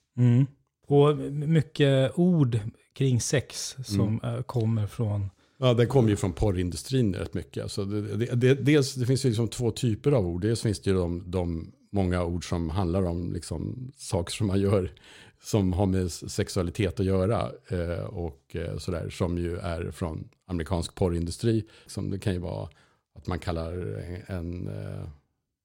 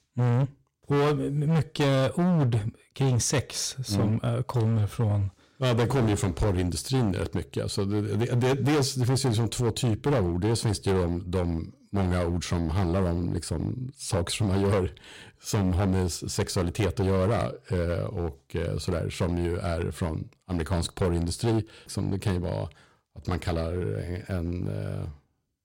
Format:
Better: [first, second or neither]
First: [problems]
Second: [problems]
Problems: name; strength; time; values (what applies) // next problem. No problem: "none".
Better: first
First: none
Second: distortion; heavy; 13% of the sound clipped